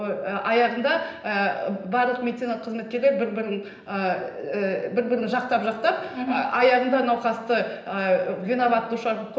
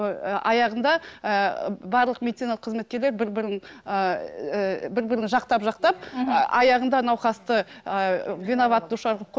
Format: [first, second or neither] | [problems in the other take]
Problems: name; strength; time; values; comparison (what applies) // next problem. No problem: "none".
second | room echo; dies away in 0.9 s